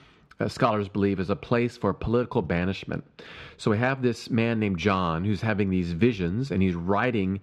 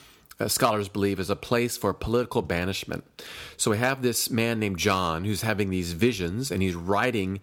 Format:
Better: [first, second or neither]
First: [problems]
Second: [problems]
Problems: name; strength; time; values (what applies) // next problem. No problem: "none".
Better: second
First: muffled; slightly; fading above 3 kHz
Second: none